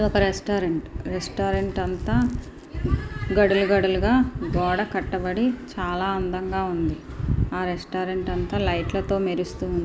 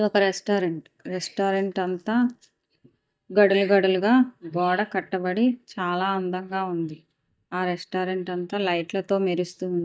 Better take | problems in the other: first | noise reduction (neural mask model DeepFilterNet 3)

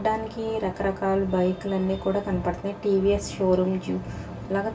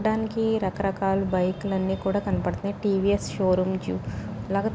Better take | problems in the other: second | room echo; dies away in 0.2 s

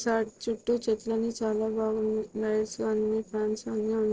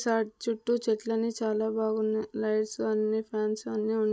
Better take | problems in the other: second | noise reduction (neural separator model SepFormer DNS4)

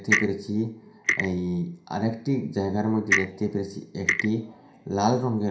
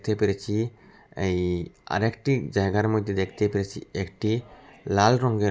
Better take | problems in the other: second | background sound (Clock); 3 dB below the speech // room echo; dies away in 0.5 s

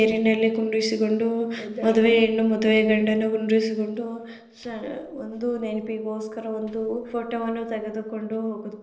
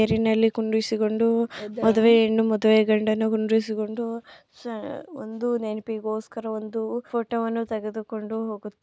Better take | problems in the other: second | noise reduction (neural separator model SepFormer DNS4)

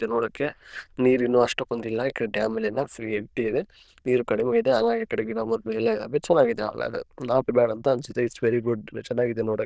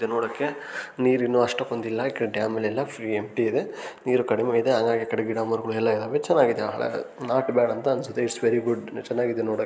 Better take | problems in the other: second | noise reduction (neural diffusion model UNIVERSE++)

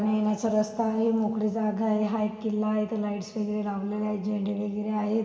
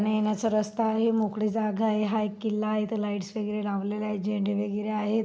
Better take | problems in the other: second | room echo; dies away in 2.7 s

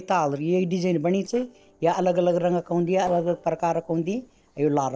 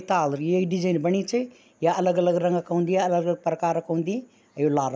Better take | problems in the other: second | noise reduction (neural separator model SepFormer DNS4)

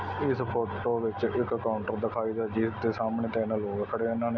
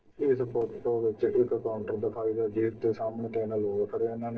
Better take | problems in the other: first | noise reduction (neural separator model SepFormer DNS4)

